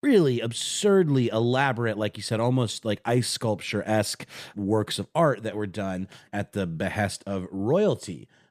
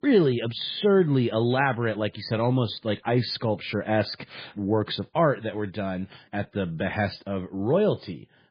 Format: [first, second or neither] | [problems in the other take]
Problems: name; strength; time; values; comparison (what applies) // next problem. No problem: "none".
first | garbled, watery; badly; nothing above 4.5 kHz